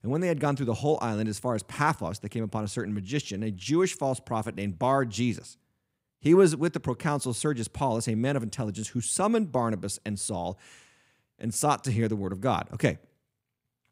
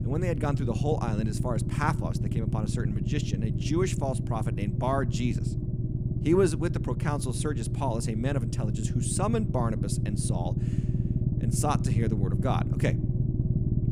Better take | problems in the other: first | low rumble; loud; throughout; 7 dB below the speech

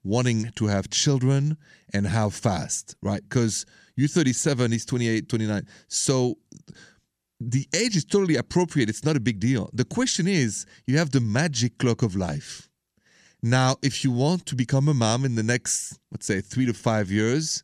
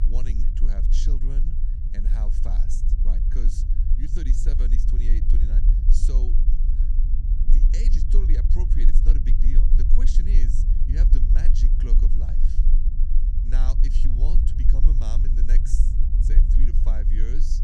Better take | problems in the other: first | low rumble; loud; throughout; 2 dB below the speech

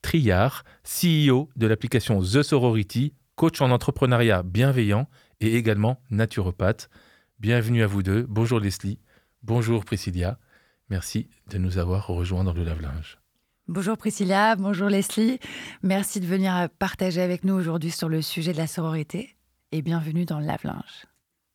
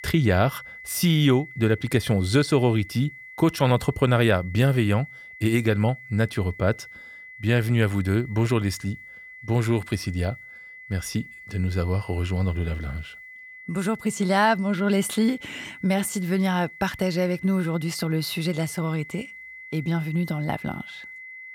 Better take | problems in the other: first | high-pitched whine; noticeable; throughout; 2 kHz, 15 dB below the speech

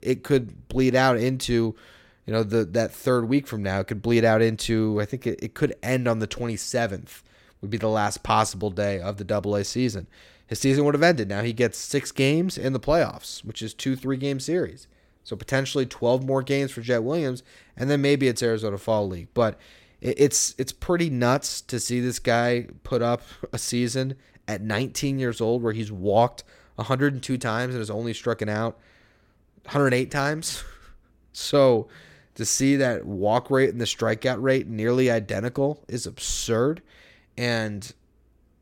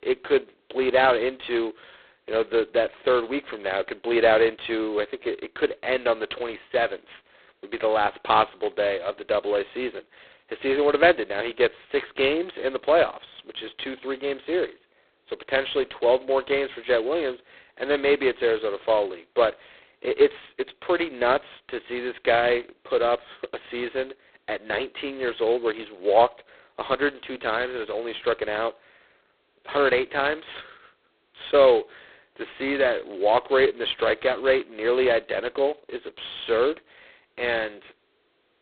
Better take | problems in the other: first | phone-call audio; poor line; nothing above 4 kHz

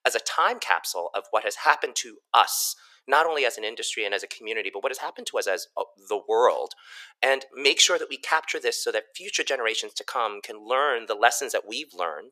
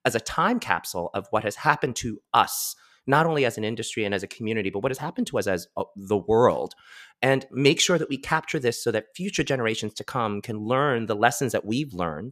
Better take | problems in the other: second | thin; very; fading below 450 Hz

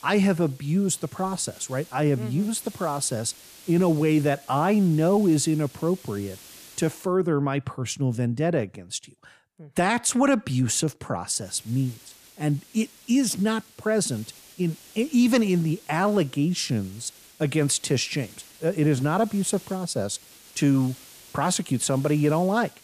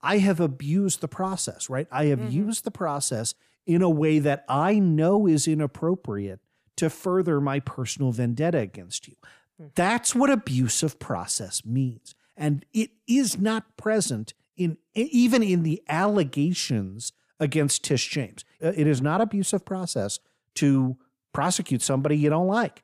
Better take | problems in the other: second | hiss; faint; until 7 s and from 11 s on; 20 dB below the speech

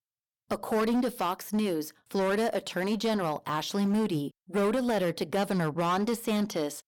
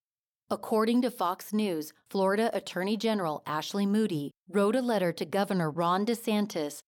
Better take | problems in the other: second | distortion; slight; 13% of the sound clipped

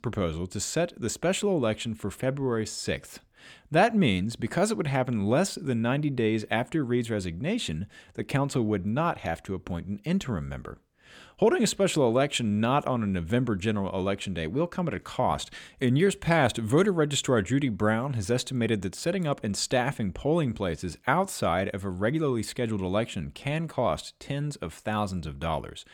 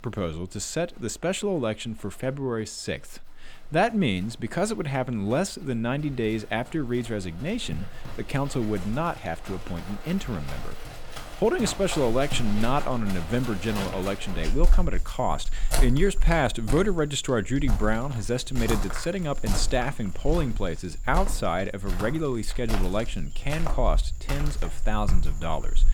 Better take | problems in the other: first | animal sounds; loud; throughout; 6 dB below the speech

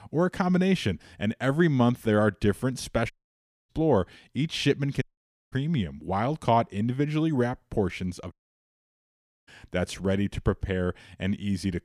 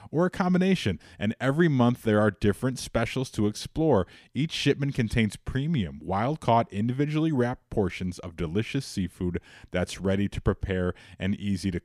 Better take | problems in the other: second | audio cutting out; at 3 s for 0.5 s, at 5 s for 0.5 s and at 8.5 s for 1 s

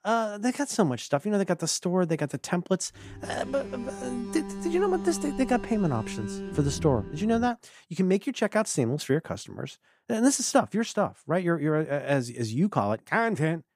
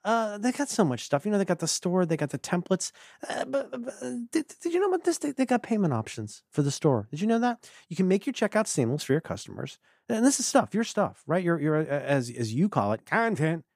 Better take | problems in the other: second | alarm; noticeable; from 3 to 7.5 s; peak 7 dB below the speech

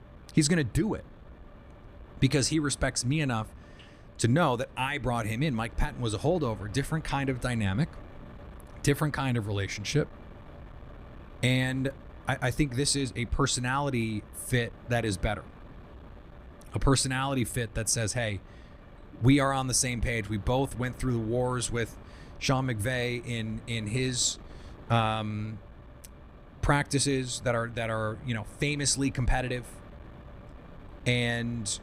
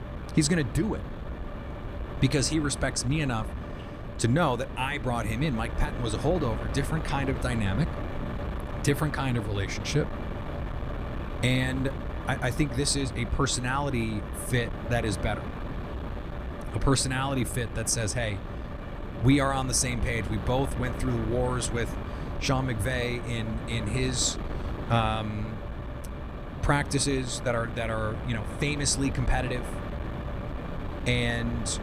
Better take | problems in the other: first | wind noise on the microphone; heavy; 9 dB below the speech; occasional gusts in the first

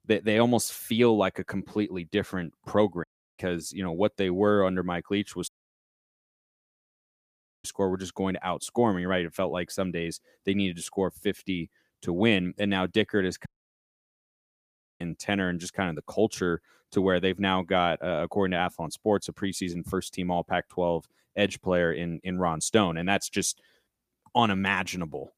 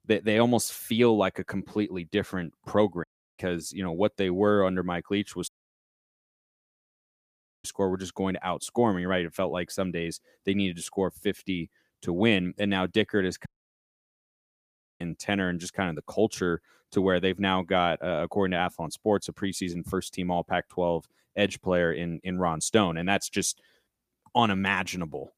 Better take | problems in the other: neither | audio cutting out; at 3 s, at 5.5 s for 2 s and at 13 s for 1.5 s; the same in both

